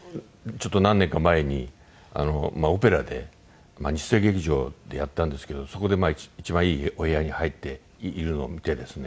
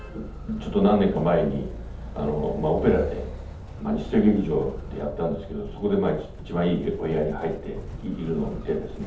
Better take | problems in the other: first | background sound (Motor vehicle (road)); 11 dB below the speech // room echo; dies away in 0.6 s

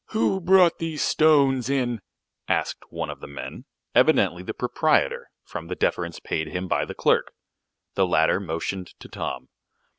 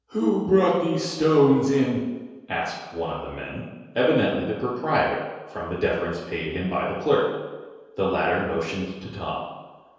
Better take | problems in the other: first | room echo; dies away in 1.2 s

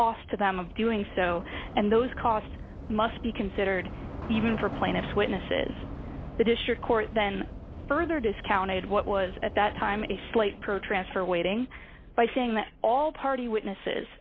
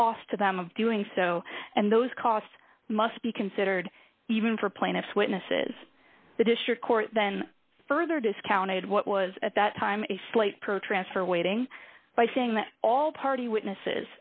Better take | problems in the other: second | background sound (Subway, metro, underground / Train); 12 dB below the speech

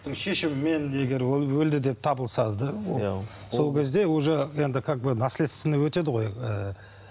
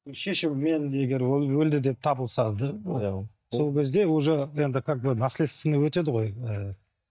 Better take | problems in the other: first | noise reduction (neural mask model DeepFilterNet 3)

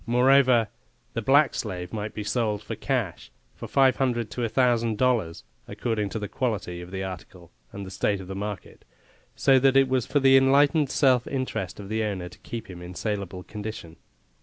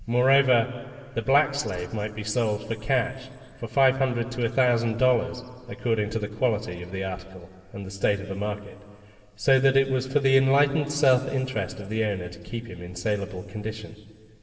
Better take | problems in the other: first | room echo; dies away in 2 s

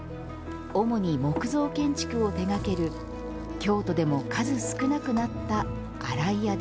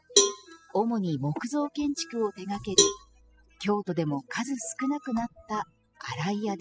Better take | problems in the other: first | noise reduction (classical method spectral subtraction)

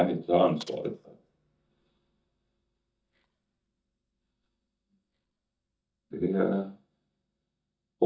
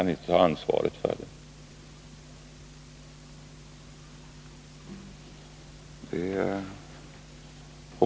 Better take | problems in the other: second | noise reduction (neural mask model DeepFilterNet 3)

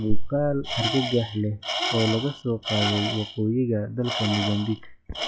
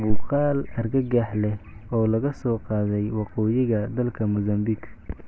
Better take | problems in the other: second | noise reduction (classical method log-MMSE)

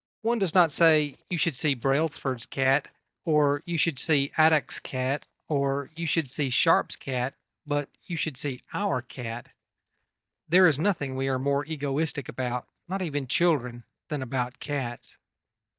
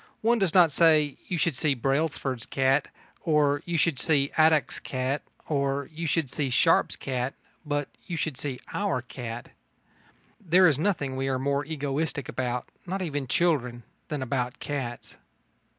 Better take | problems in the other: second | noise reduction (neural mask model DeepFilterNet 3)

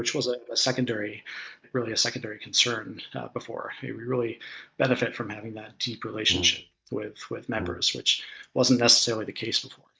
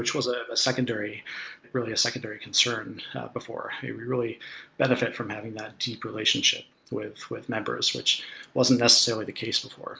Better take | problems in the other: second | noise reduction (neural mask model DeepFilterNet 3)

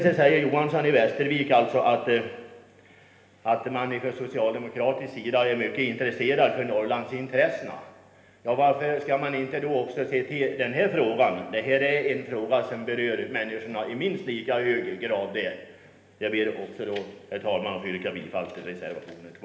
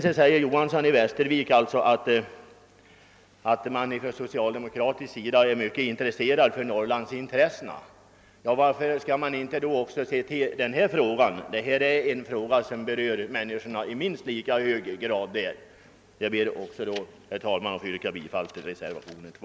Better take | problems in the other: second | room echo; dies away in 1.1 s

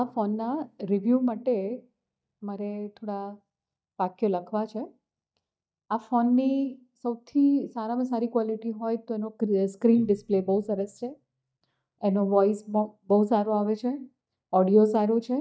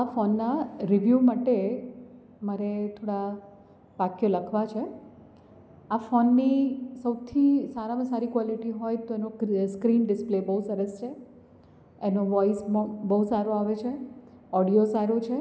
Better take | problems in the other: second | noise reduction (neural mask model DeepFilterNet 3)

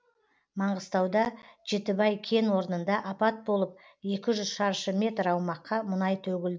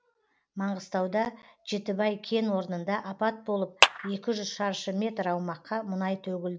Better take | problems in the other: first | background sound (Clapping); 3 dB above the speech

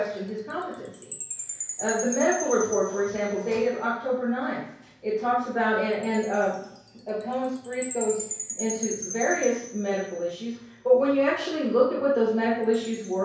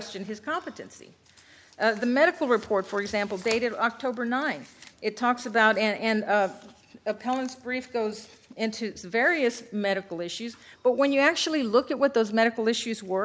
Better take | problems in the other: second | background sound (Chime); 13 dB below the speech // room echo; dies away in 0.6 s

